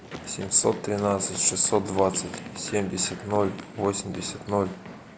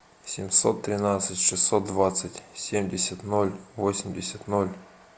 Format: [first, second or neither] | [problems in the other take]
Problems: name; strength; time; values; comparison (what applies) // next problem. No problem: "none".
second | background sound (Run); 14 dB below the speech